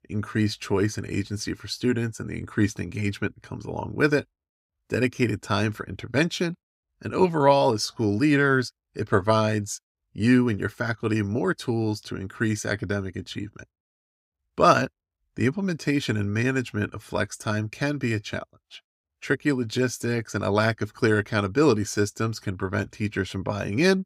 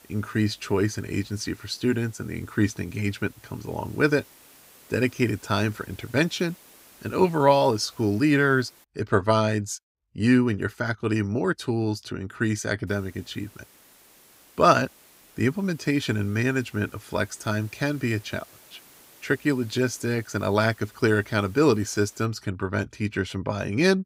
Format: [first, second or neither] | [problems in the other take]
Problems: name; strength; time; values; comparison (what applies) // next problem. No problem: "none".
first | hiss; faint; until 9 s and from 13 to 22 s; 25 dB below the speech